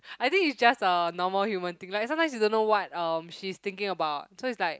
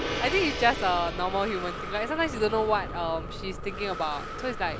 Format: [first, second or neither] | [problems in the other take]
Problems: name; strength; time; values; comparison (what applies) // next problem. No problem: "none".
first | background sound (Gong + Breathing); 6 dB below the speech